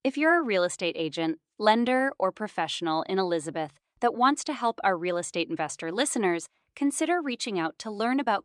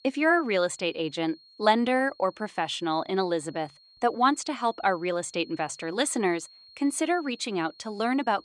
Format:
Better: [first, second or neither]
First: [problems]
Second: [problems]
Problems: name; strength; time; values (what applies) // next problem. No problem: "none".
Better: first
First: none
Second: high-pitched whine; faint; throughout; 4.5 kHz, 25 dB below the speech